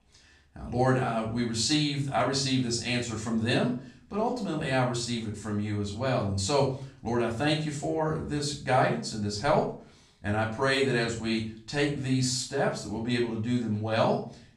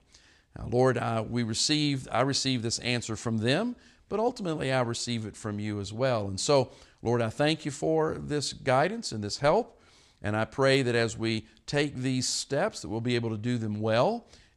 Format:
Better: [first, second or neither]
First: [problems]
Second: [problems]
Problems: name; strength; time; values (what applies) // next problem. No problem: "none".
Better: second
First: off-mic speech; far // room echo; slight; dies away in 0.4 s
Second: none